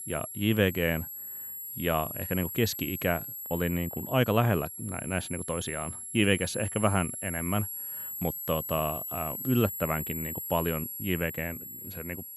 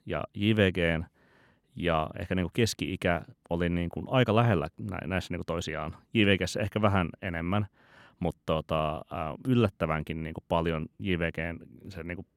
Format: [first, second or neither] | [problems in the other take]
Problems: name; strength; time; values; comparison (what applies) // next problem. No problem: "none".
second | high-pitched whine; loud; throughout; 11 kHz, 6 dB below the speech